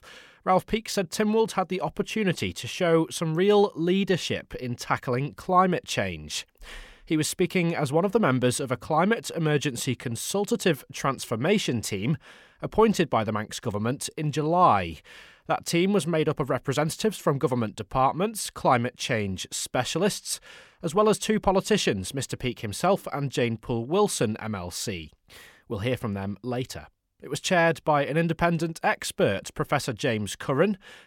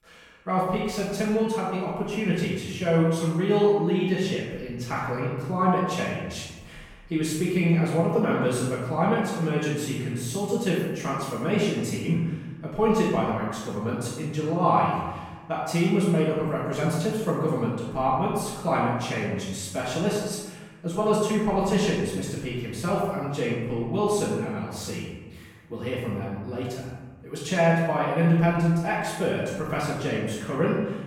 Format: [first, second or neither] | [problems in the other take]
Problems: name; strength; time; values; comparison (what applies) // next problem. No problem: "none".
first | off-mic speech; far // room echo; strong; dies away in 1.2 s